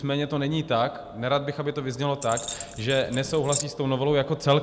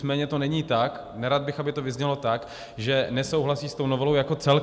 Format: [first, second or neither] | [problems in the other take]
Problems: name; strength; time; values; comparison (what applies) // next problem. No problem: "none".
second | background sound (Keys jangling); 8 dB below the speech